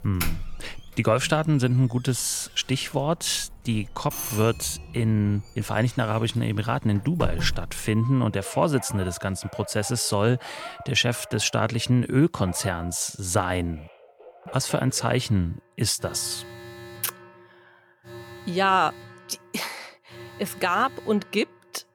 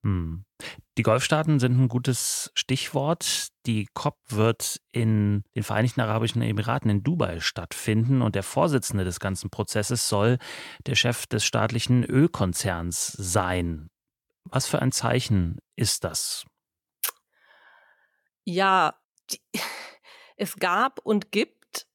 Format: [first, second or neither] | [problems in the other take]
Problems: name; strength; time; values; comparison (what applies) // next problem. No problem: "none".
second | alarms or sirens; noticeable; throughout; 15 dB below the speech